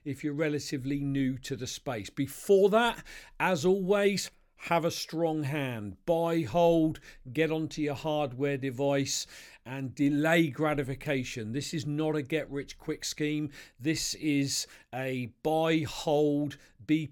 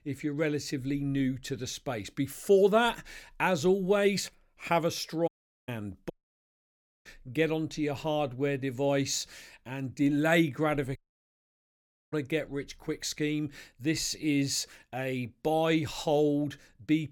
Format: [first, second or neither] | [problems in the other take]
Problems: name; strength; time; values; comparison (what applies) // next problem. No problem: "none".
first | audio cutting out; at 5.5 s, at 6 s for 1 s and at 11 s for 1 s